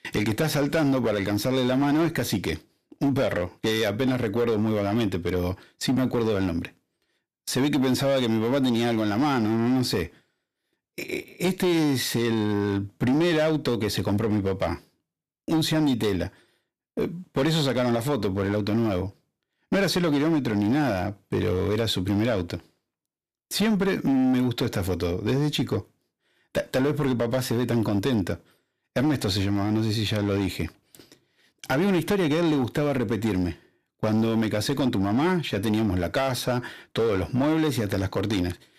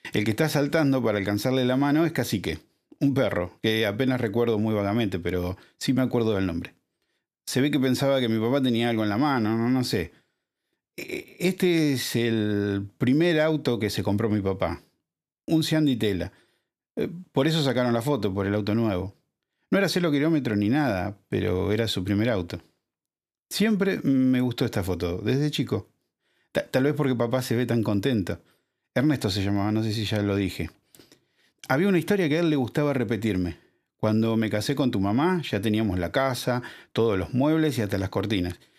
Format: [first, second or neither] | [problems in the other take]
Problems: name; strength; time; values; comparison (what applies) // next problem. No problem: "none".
second | distortion; slight; 11% of the sound clipped